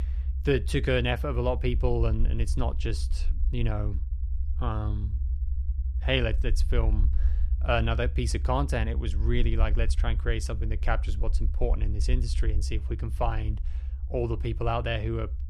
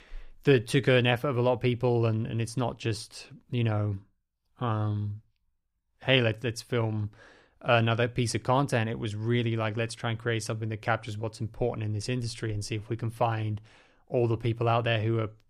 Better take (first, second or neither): second